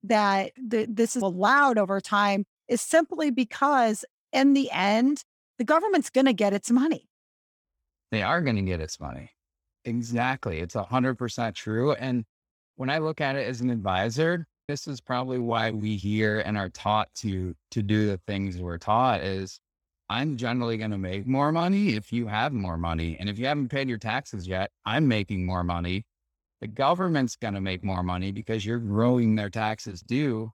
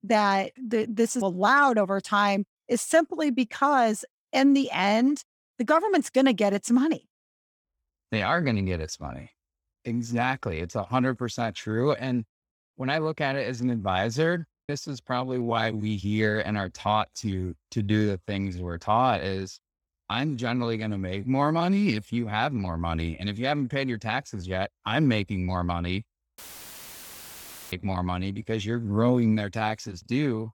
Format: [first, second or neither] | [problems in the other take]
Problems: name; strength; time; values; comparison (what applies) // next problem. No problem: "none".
first | audio cutting out; filled with static; at 26 s for 1.5 s